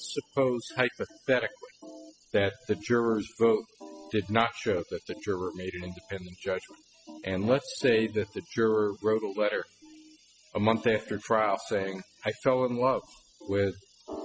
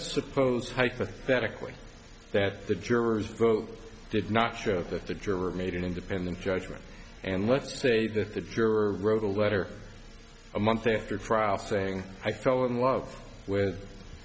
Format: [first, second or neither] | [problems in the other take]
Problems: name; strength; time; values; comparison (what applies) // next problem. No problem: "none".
second | noise reduction (classical method spectral subtraction)